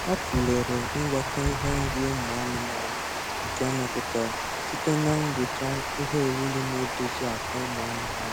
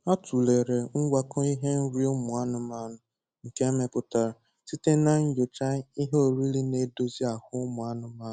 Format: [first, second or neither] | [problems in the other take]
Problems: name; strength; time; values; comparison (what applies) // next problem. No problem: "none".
second | background sound (Water); 1 dB below the speech